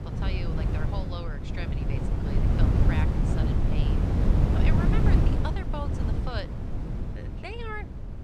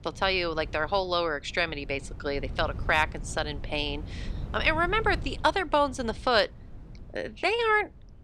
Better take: second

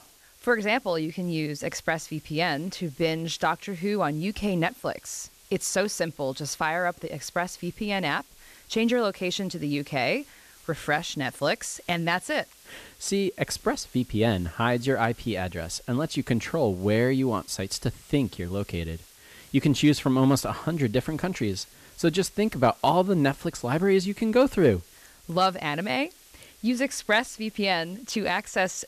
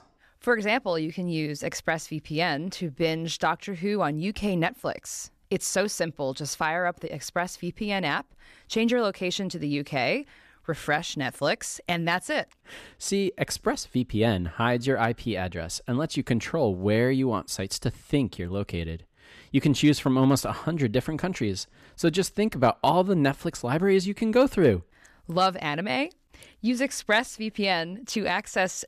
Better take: second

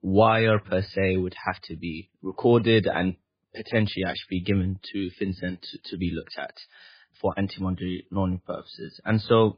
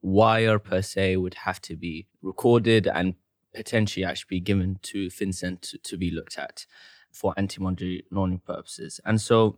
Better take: second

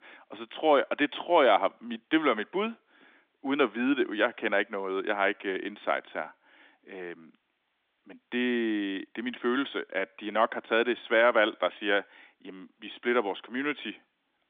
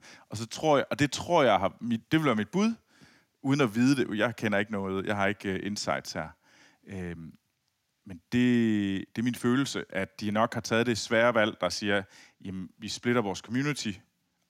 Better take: second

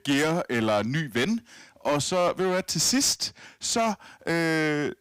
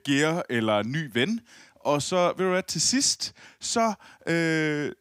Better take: second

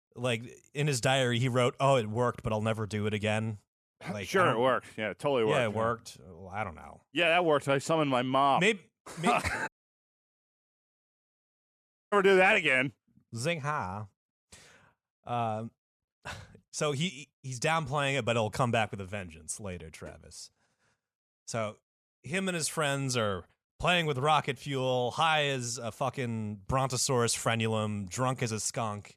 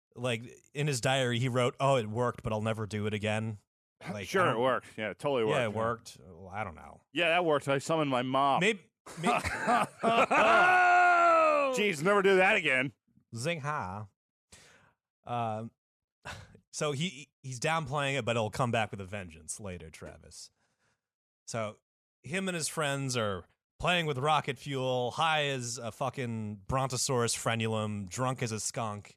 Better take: second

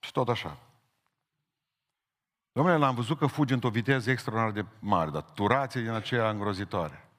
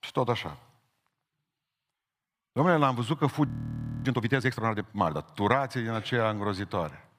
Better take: first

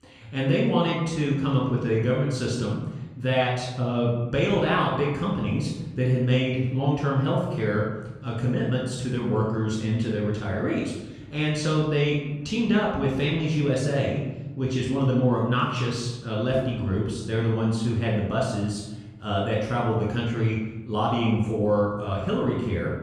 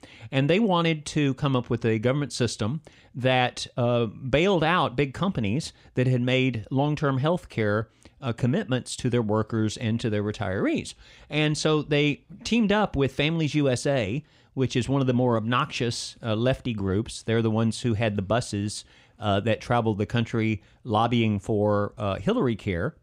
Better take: second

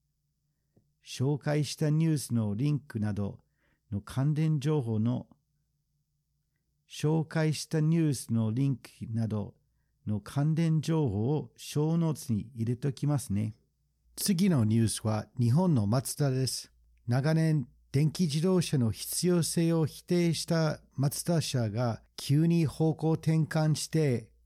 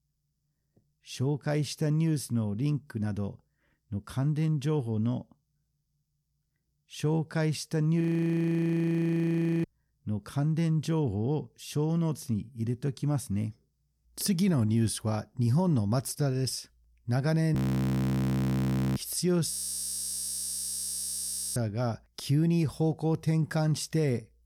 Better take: first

